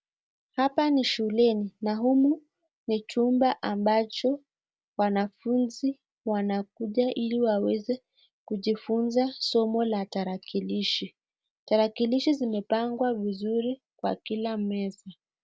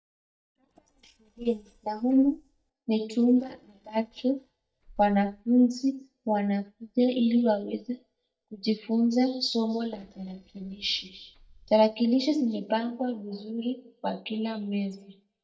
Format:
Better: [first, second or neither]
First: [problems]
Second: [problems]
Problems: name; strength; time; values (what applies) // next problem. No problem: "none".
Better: first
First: none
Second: noise reduction (neural mask model DeepFilterNet 3)